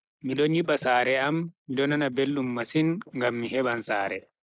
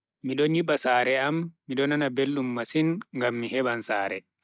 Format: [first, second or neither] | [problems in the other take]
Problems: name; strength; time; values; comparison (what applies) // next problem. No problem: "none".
second | noise reduction (neural mask model Resemble Enhance denoiser)